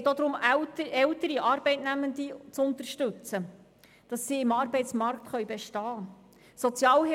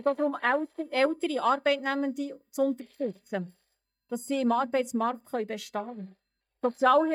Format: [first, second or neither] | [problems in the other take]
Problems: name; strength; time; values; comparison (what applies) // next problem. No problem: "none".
first | noise reduction (neural mask model DeepFilterNet 3)